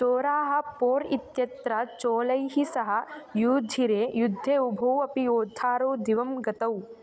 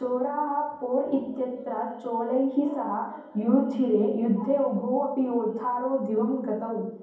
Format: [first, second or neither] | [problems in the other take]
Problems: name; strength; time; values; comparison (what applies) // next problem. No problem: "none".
first | room echo; dies away in 1.2 s